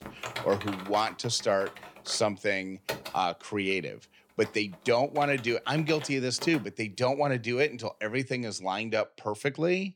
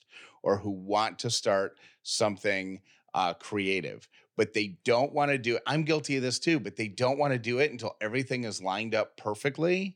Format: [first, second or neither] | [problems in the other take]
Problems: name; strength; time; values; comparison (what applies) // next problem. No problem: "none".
second | keyboard typing; noticeable; until 6.5 s; peak 7 dB below the speech